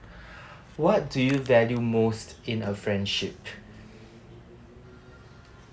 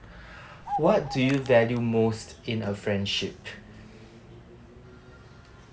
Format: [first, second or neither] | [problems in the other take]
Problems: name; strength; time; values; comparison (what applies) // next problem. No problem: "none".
first | background sound (Bird vocalization, bird call, bird song); 10 dB below the speech